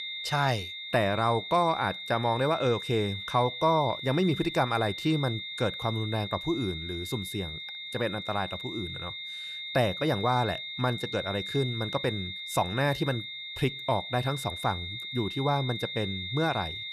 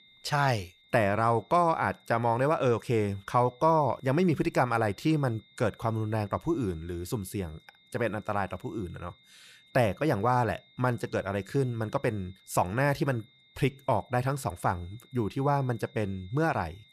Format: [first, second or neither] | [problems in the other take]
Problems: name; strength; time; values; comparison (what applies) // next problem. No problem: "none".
second | high-pitched whine; loud; throughout; 3.5 kHz, 6 dB below the speech; faint in the second